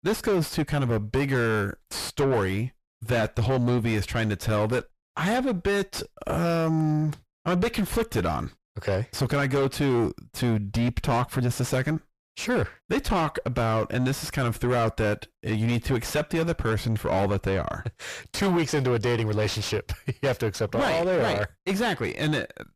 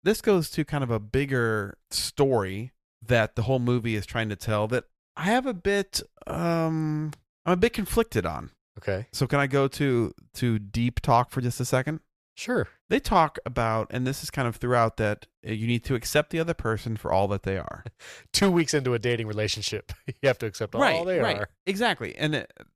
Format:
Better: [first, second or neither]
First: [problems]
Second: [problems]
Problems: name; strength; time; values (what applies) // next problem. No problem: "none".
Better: second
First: distortion; heavy; 5 dB below the speech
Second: none